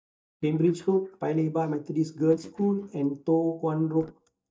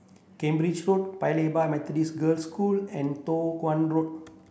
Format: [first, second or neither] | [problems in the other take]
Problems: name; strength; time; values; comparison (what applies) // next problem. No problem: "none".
second | noise reduction (neural mask model DeepFilterNet 3)